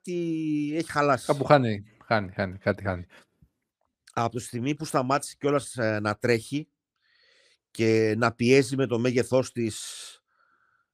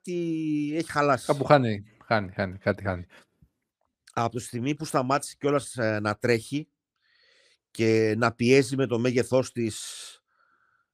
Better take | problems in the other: neither | none

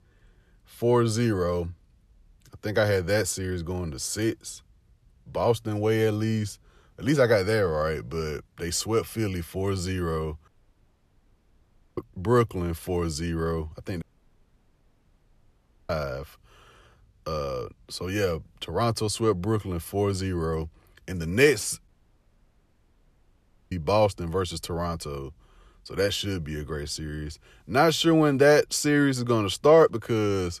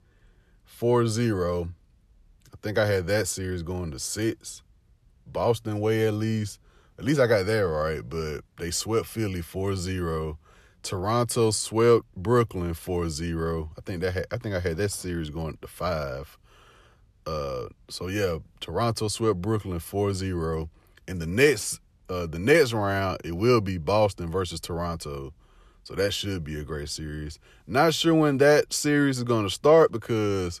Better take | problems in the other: second | audio cutting out; at 10 s for 1.5 s, at 14 s for 2 s and at 22 s for 2 s

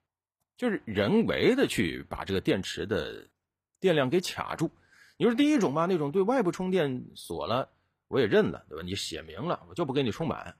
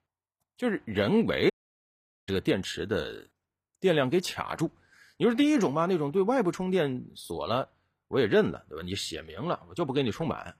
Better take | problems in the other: first | audio cutting out; at 1.5 s for 1 s

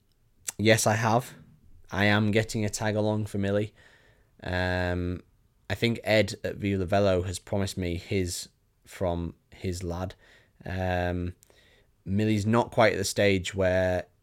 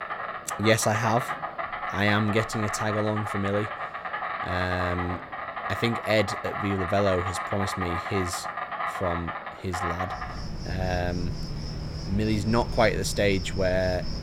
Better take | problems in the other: first | animal sounds; loud; throughout; 5 dB below the speech

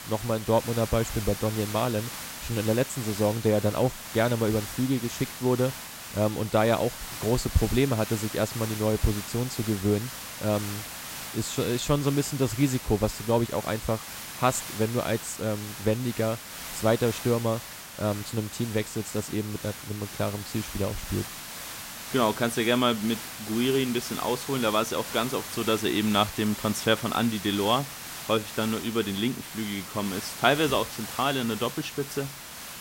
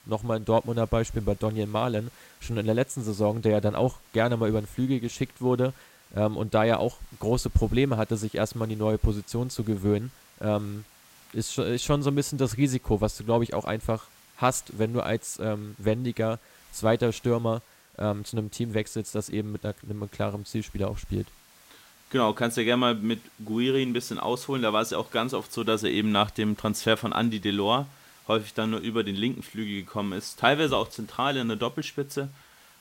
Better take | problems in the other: second | hiss; loud; throughout; 9 dB below the speech; faint in the second

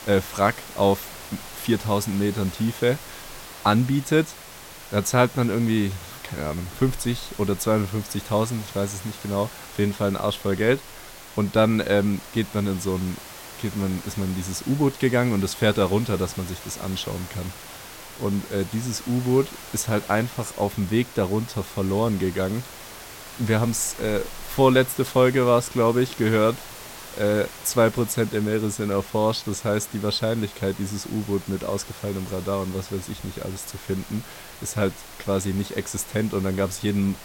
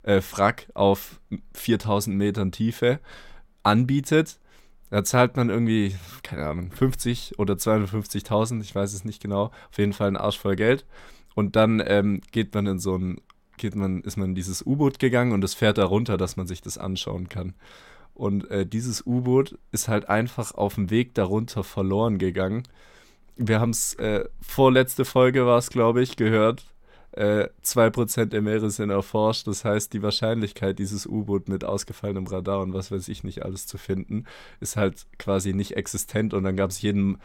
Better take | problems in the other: second | hiss; noticeable; throughout; 15 dB below the speech

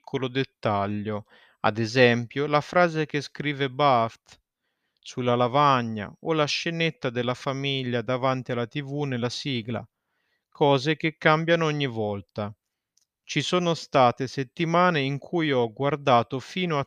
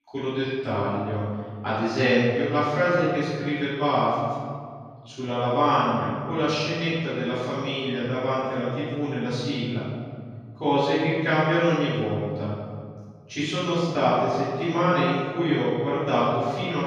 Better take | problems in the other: first | room echo; strong; dies away in 2 s // off-mic speech; far

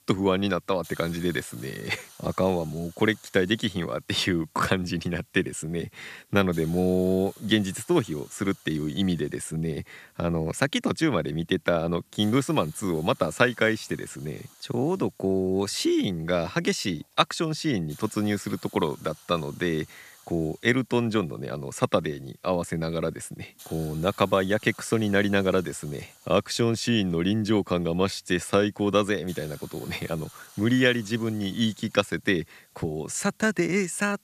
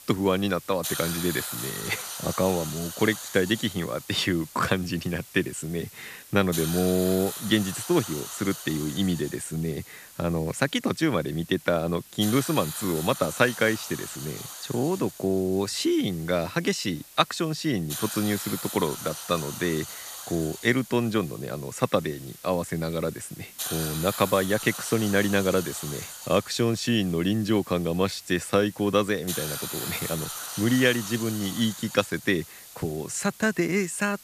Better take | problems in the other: first | hiss; loud; throughout; 10 dB below the speech; faint in the first

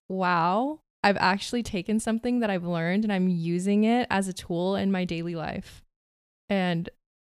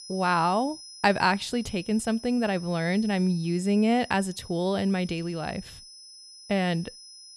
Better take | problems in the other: first | high-pitched whine; noticeable; throughout; 5 kHz, 15 dB below the speech

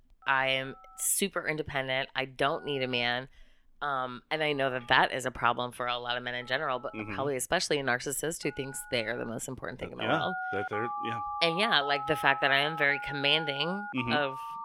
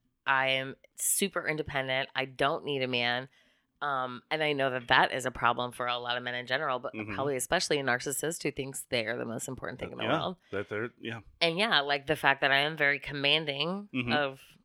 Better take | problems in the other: second | alarms or sirens; loud; throughout; 8 dB below the speech

